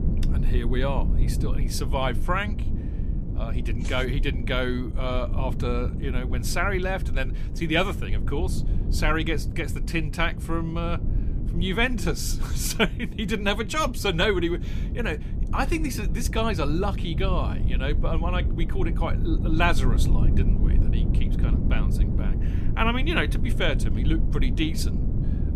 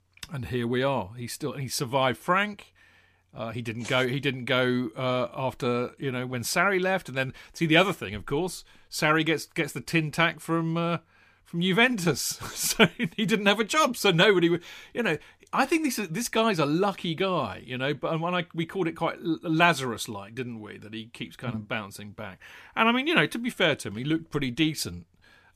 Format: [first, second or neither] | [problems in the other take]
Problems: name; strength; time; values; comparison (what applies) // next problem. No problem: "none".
second | low rumble; noticeable; throughout; 10 dB below the speech